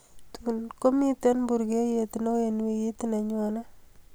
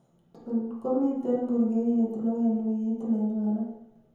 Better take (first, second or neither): first